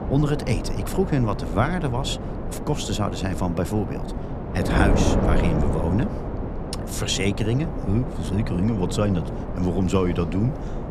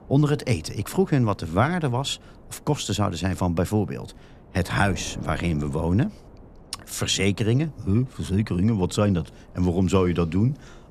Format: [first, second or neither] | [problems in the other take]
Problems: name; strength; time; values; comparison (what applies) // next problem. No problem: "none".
second | wind noise on the microphone; heavy; 4 dB below the speech; occasional gusts in the second